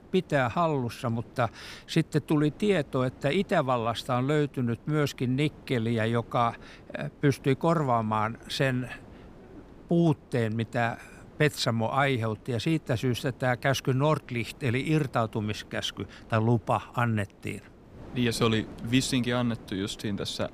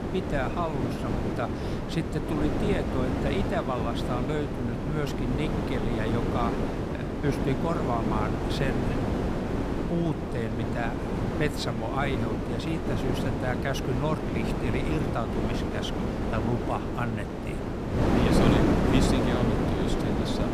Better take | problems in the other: first | wind noise on the microphone; heavy; 1 dB above the speech; occasional gusts in the first

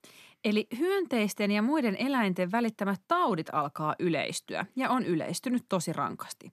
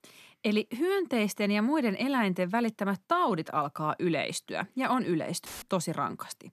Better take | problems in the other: first | audio cutting out; filled with static; at 5.5 s

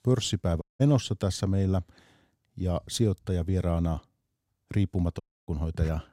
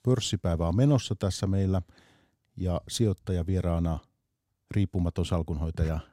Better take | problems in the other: second | audio cutting out; at 0.5 s and at 5 s

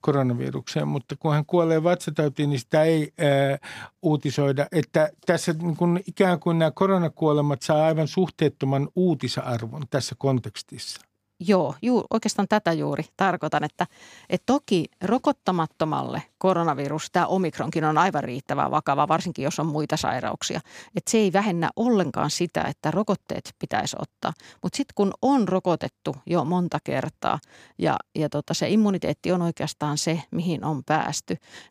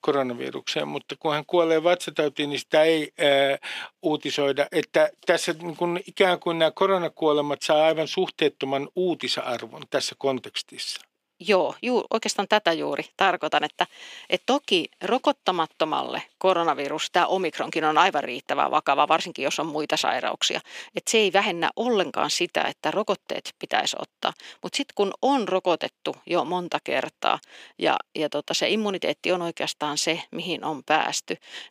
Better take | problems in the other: first | thin; somewhat; fading below 400 Hz

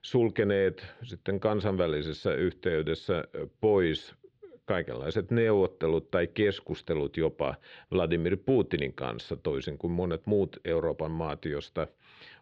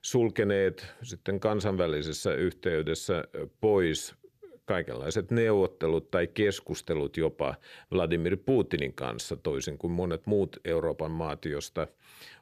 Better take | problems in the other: second | muffled; slightly; fading above 3.5 kHz

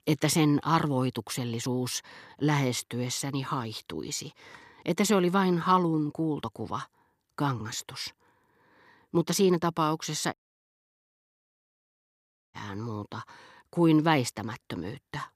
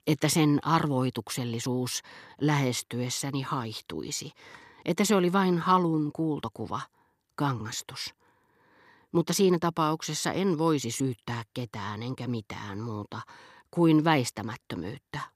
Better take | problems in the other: second | audio cutting out; at 10 s for 2 s

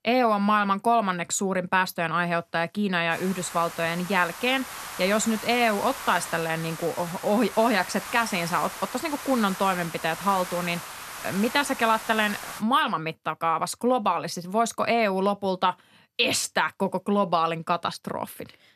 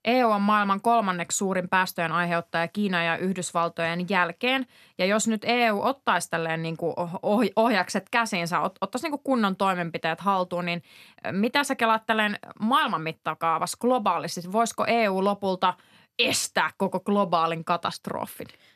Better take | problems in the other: second | hiss; noticeable; from 3 to 13 s; 10 dB below the speech

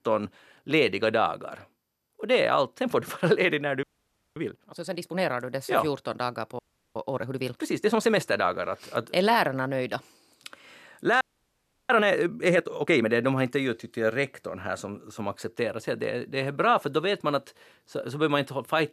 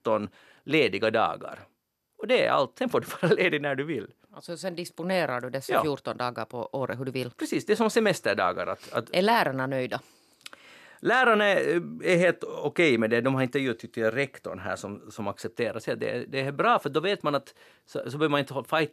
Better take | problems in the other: second | audio freezing; at 4 s for 0.5 s, at 6.5 s and at 11 s for 0.5 s

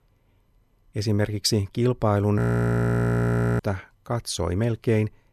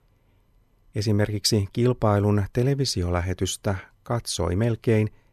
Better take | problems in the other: second | audio freezing; at 2.5 s for 1 s

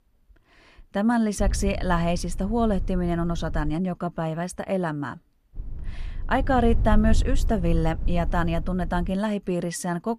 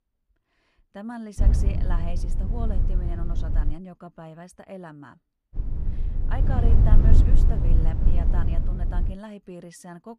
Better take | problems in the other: first | low rumble; loud; from 1.5 to 3.5 s and from 5.5 to 9 s; as loud as the speech; faint in the first

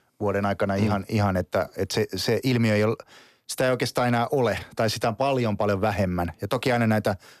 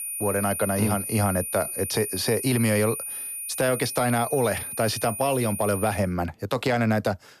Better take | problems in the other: first | high-pitched whine; loud; until 6 s; 9.5 kHz, 5 dB below the speech

